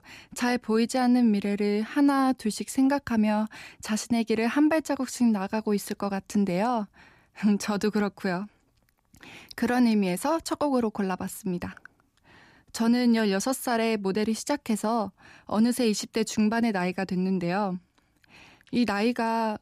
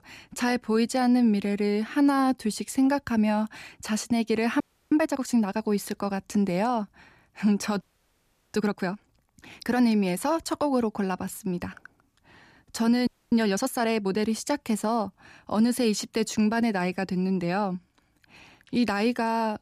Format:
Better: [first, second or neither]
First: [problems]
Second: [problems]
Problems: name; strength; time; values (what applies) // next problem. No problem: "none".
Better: first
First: none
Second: audio freezing; at 4.5 s, at 8 s for 0.5 s and at 13 s